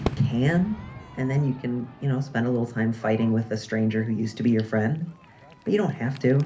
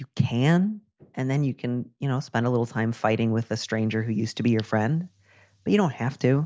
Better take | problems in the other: second | background sound (Crowd / Fireworks); 15 dB below the speech // room echo; dies away in 0.3 s

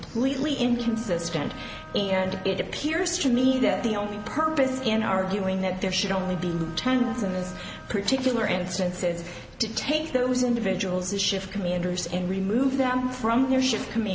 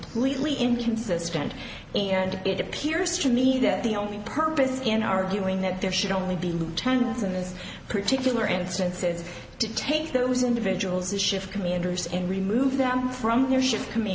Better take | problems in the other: second | background sound (Wind instrument, woodwind instrument); 19 dB below the speech

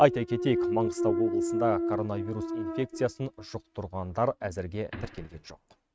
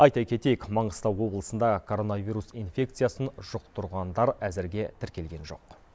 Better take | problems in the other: second | noise reduction (neural mask model RNNoise)

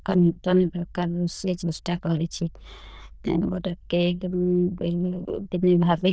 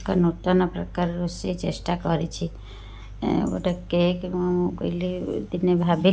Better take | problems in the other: second | noise reduction (neural diffusion model UNIVERSE++)

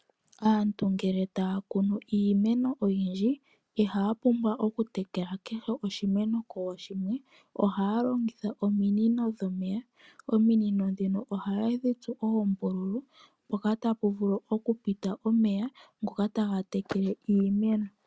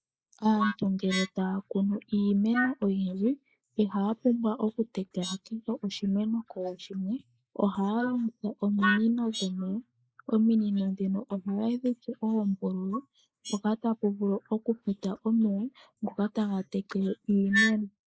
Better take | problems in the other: first | noise reduction (neural mask model Resemble Enhance denoiser)

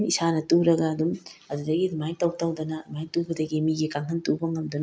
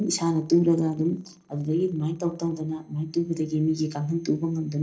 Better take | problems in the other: first | noise reduction (neural separator model SepFormer DNS4)

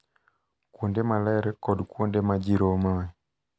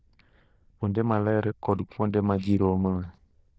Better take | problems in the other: first | noise reduction (neural diffusion model UNIVERSE++)

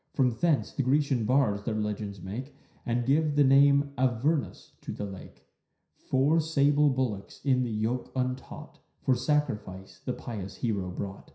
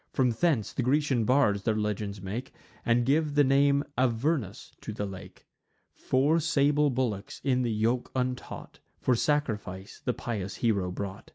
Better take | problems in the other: second | room echo; dies away in 0.5 s

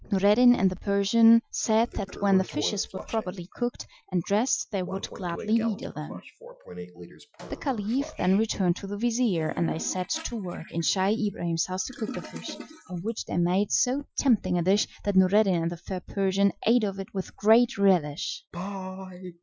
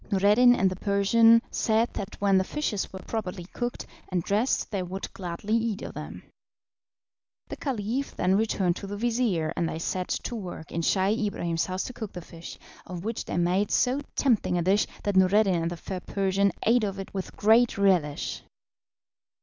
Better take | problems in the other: second | noise reduction (classical method Wiener filter)

